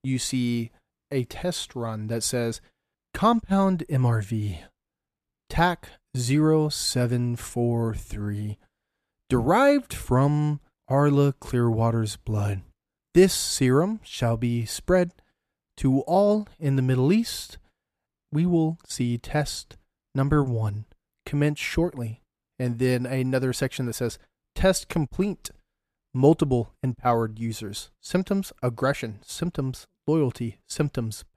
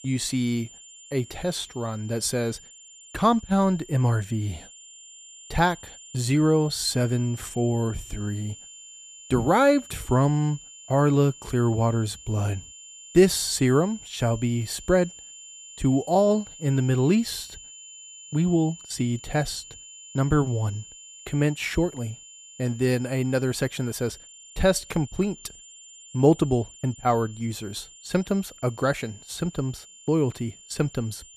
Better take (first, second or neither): first